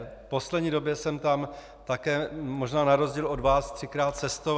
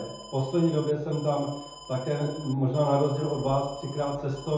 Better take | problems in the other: first | background sound (Alarm); 19 dB below the speech // room echo; dies away in 0.7 s

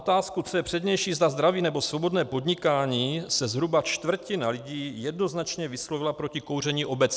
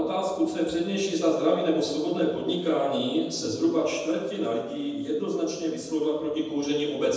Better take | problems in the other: first | room echo; dies away in 1.1 s

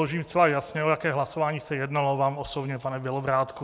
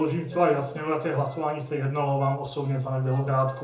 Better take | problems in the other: first | noise reduction (neural separator model SepFormer DNS4)

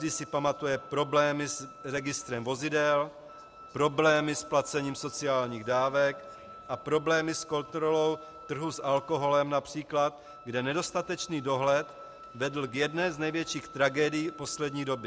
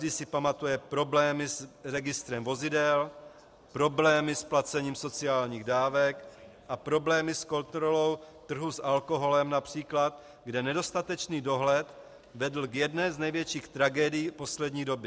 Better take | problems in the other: second | background sound (Wind instrument, woodwind instrument); 19 dB below the speech

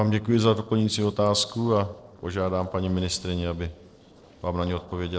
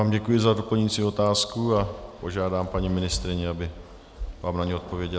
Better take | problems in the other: second | noise reduction (neural separator model SepFormer DNS4)

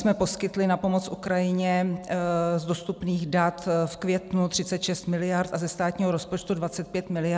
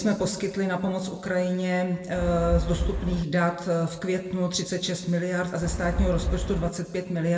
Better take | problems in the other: first | background sound (Wind); 2 dB below the speech // room echo; dies away in 0.9 s

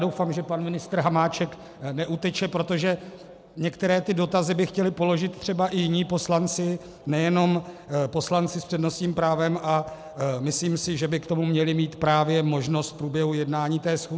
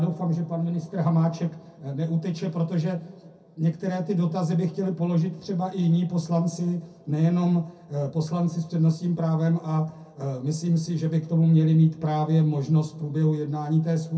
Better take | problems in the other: first | room echo; dies away in 0.3 s

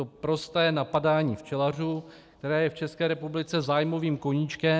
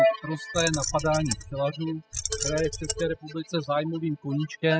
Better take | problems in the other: first | noise reduction (classical method spectral subtraction)

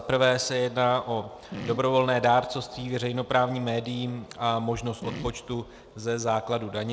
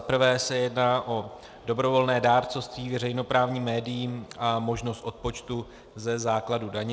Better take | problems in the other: second | background sound (Fart); 16 dB below the speech

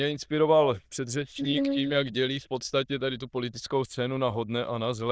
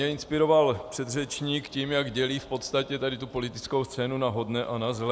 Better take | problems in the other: second | noise reduction (neural diffusion model UNIVERSE++)

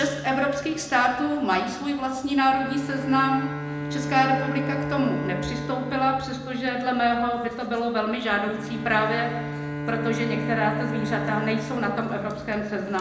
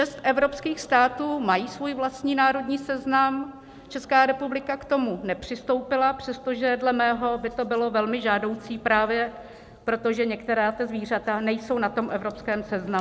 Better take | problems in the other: second | background sound (Bowed string instrument); 7 dB below the speech // room echo; dies away in 0.9 s

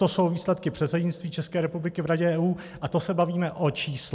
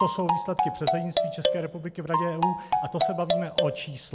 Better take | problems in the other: first | background sound (Marimba, xylophone); 4 dB above the speech

